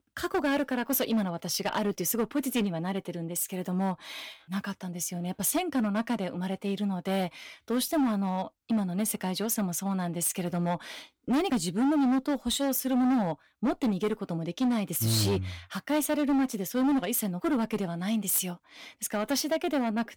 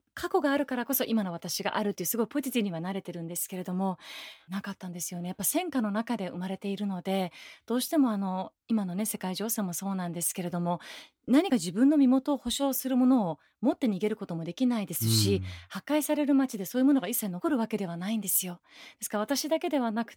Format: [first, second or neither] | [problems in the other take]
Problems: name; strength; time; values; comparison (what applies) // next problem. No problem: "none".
second | distortion; slight; 10% of the sound clipped